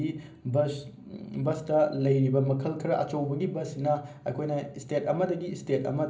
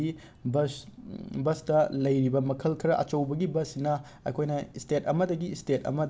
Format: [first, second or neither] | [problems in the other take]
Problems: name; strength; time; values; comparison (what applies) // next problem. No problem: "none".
second | room echo; dies away in 0.5 s